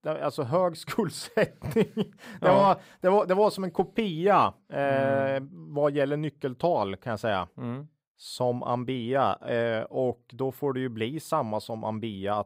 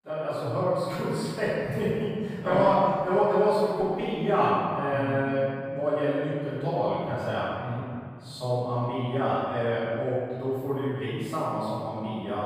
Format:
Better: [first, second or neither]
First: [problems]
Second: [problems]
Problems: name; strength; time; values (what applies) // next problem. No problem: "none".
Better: first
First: none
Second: off-mic speech; far // room echo; strong; dies away in 2 s